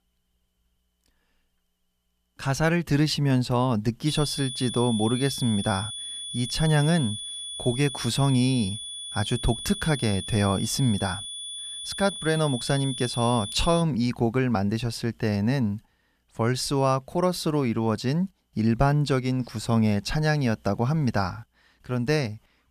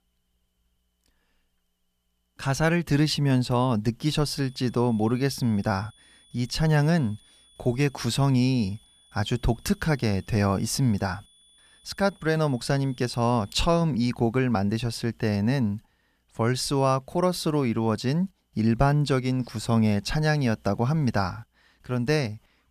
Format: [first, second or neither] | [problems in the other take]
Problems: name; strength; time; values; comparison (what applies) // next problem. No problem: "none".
second | high-pitched whine; loud; from 4 to 14 s; 3.5 kHz, 8 dB below the speech; faint in the second